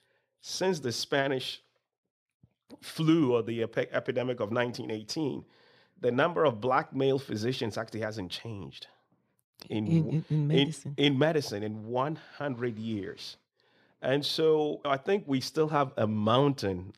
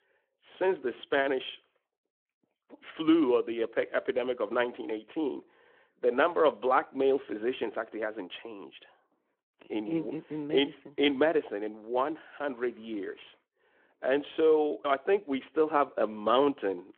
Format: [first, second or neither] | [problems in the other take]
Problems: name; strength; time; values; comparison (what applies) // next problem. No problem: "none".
first | phone-call audio; nothing above 3.5 kHz